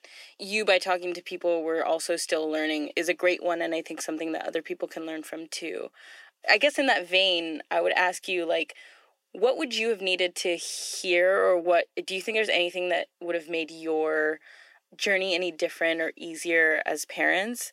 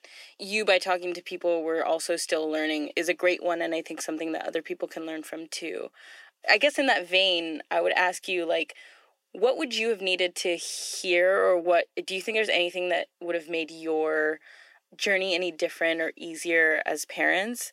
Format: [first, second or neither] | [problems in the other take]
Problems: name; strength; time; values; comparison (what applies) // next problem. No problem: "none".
neither | thin; somewhat; fading below 300 Hz; the same in both